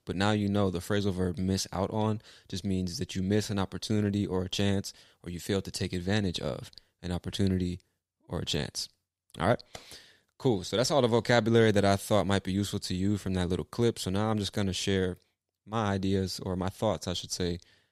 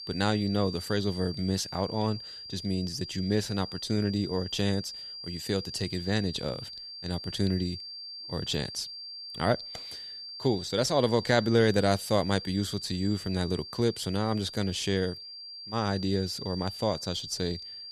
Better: first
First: none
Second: high-pitched whine; loud; throughout; 4.5 kHz, 9 dB below the speech

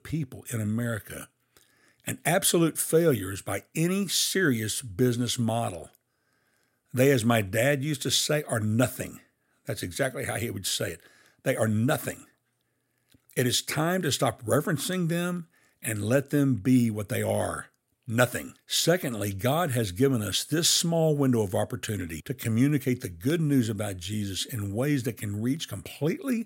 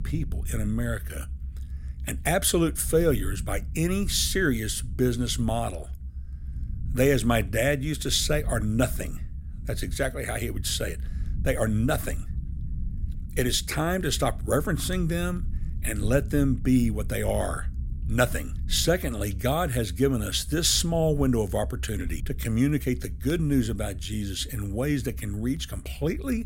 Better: first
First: none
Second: low rumble; faint; throughout; 25 dB below the speech

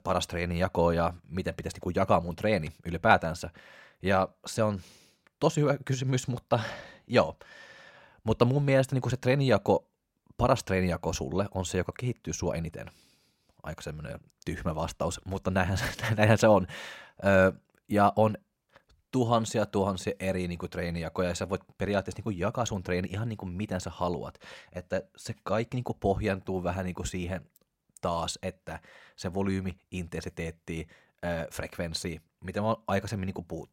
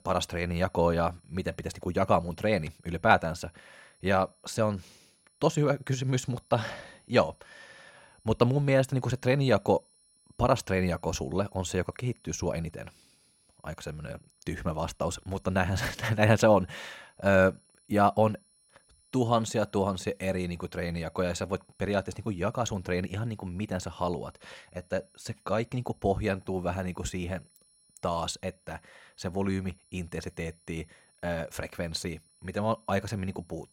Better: first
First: none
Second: high-pitched whine; faint; throughout; 10 kHz, 35 dB below the speech

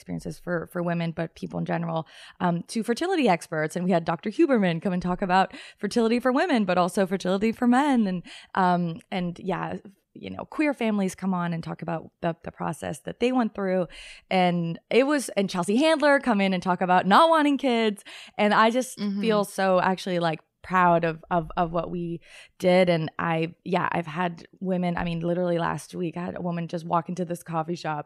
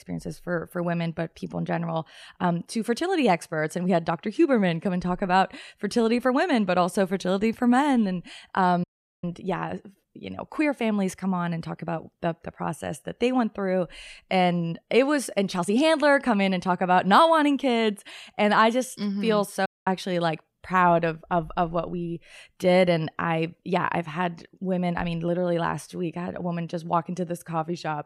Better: first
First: none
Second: audio cutting out; at 9 s and at 20 s

